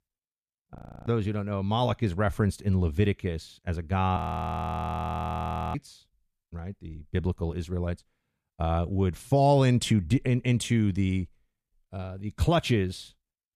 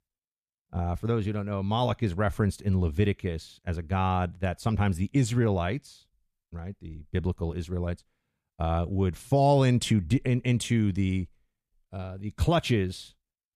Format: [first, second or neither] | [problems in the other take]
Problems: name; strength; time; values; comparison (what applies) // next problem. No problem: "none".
second | audio freezing; at 1 s and at 4 s for 1.5 s